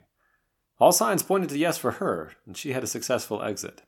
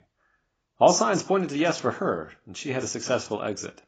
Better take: first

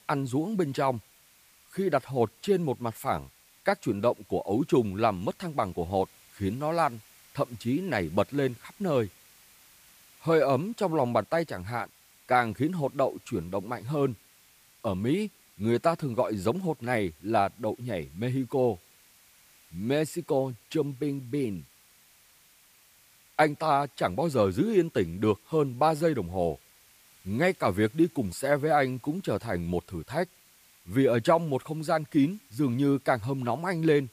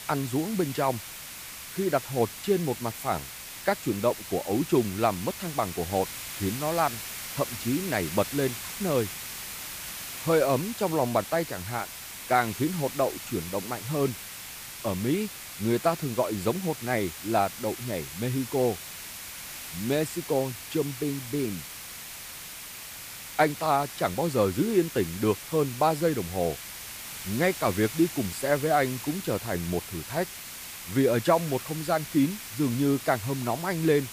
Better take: first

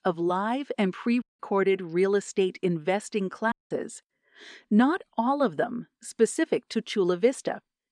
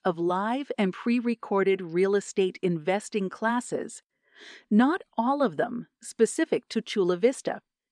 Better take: second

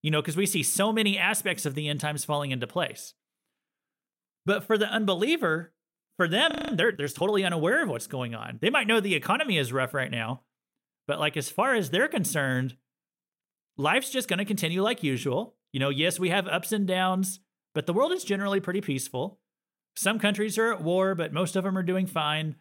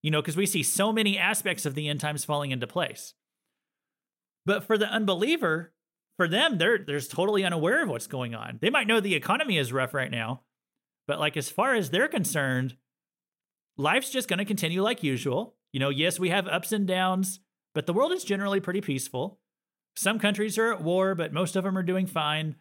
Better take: second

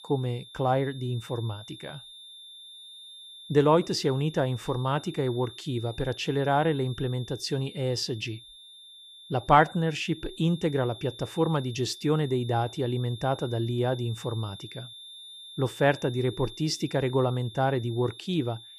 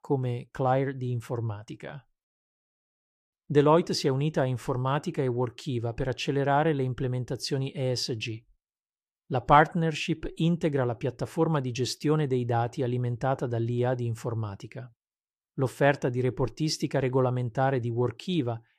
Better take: second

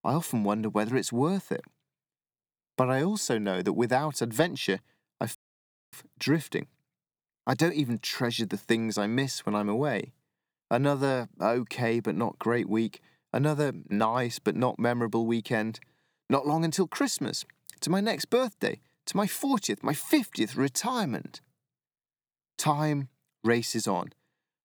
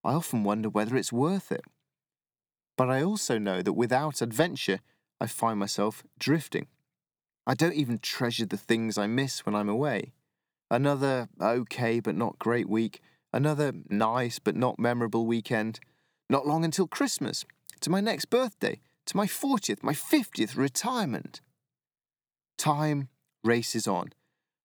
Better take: second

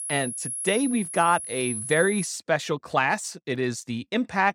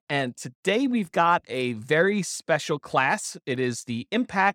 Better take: second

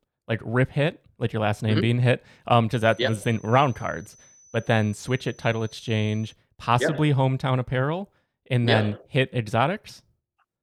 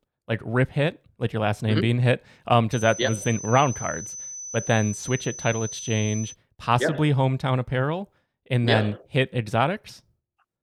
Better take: first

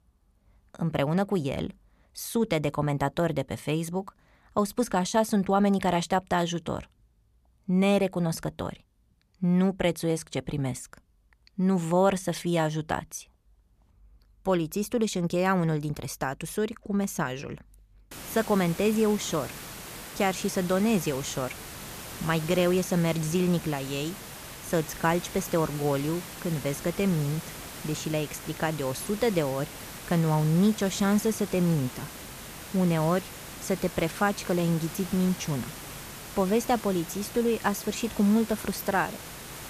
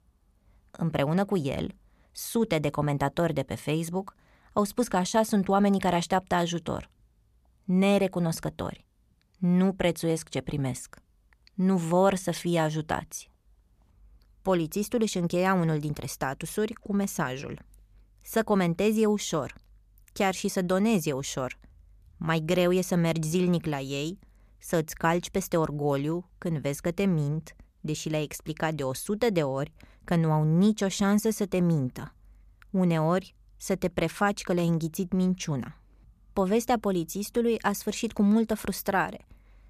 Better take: second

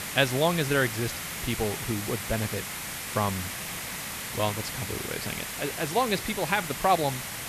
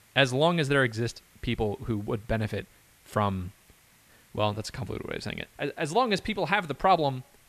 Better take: second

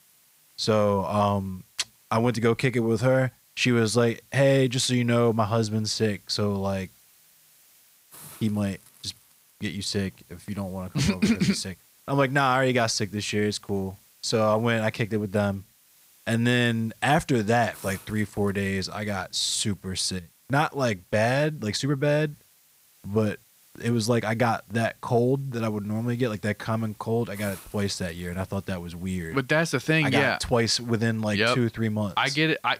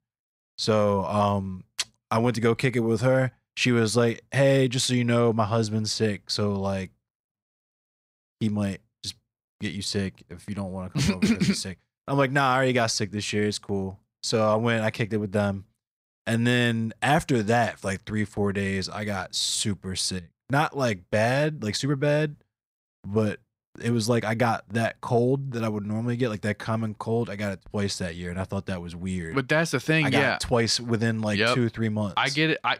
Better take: second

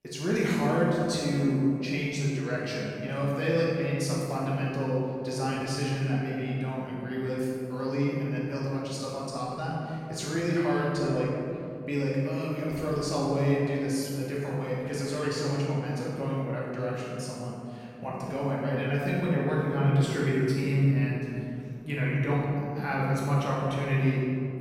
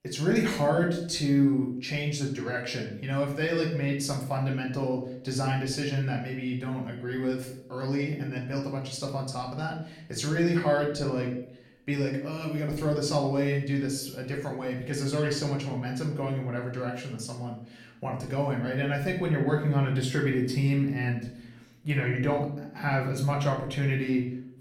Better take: second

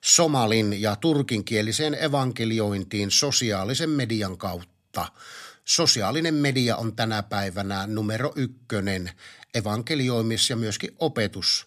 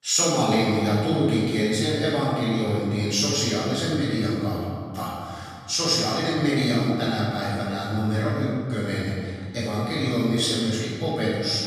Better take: first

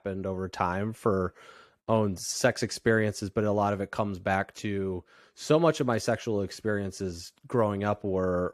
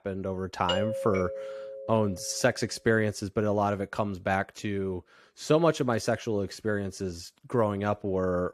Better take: first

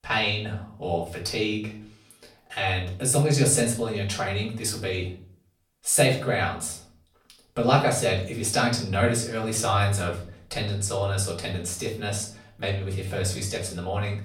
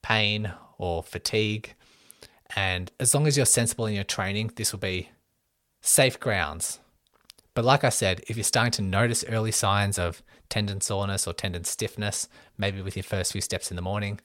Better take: second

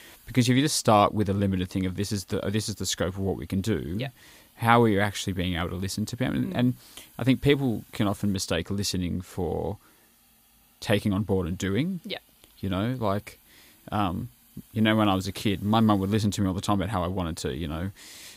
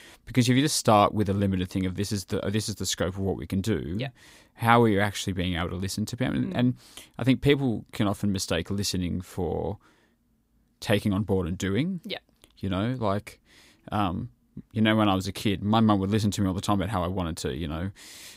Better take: second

